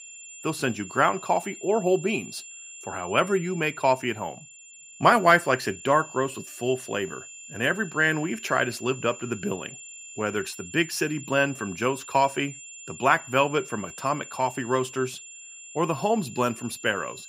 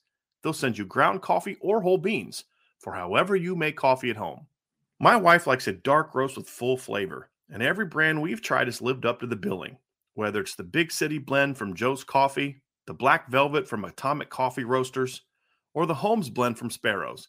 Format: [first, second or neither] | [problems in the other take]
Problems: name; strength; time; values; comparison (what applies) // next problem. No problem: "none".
second | high-pitched whine; noticeable; throughout; 7 kHz, 15 dB below the speech